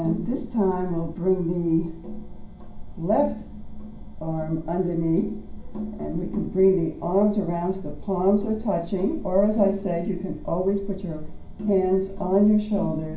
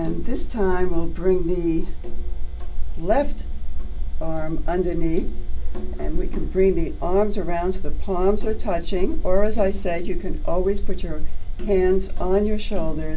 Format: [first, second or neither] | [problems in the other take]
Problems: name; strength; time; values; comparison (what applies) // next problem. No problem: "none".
second | room echo; dies away in 0.5 s